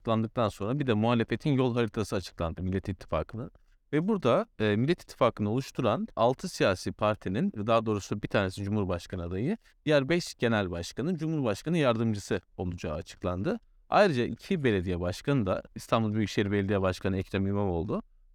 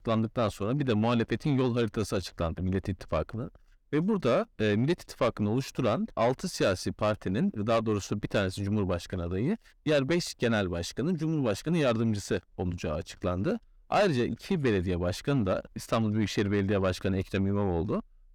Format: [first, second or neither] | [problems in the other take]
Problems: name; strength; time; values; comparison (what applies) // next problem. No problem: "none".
first | distortion; slight; 10 dB below the speech